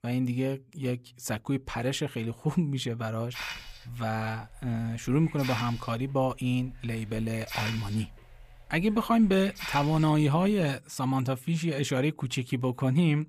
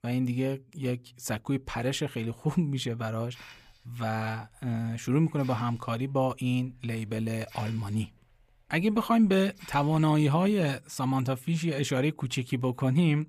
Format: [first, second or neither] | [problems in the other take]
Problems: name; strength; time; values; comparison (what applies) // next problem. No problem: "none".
second | hiss; loud; from 3.5 to 11 s; 10 dB below the speech; faint in the second